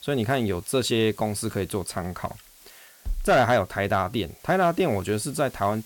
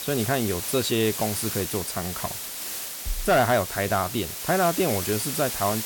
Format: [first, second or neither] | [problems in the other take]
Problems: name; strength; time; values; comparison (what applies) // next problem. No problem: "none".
first | hiss; loud; throughout; 5 dB below the speech; faint in the first